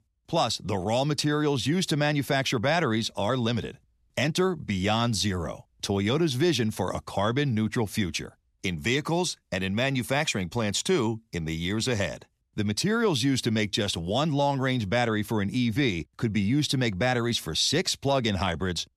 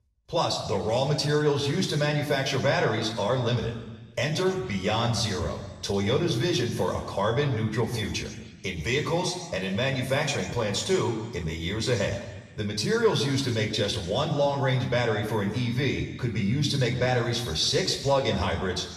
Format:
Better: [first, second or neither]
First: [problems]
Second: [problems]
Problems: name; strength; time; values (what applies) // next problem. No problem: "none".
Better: first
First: none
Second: room echo; noticeable; dies away in 1.1 s // off-mic speech; far